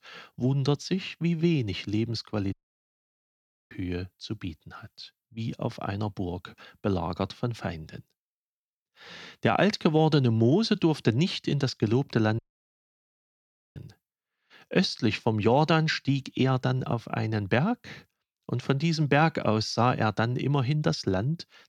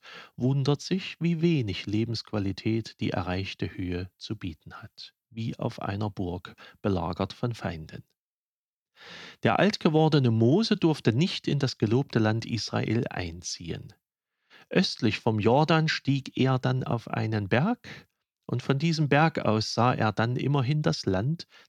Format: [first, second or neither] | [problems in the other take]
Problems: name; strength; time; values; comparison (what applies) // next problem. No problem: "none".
second | audio cutting out; at 2.5 s for 1 s and at 12 s for 1.5 s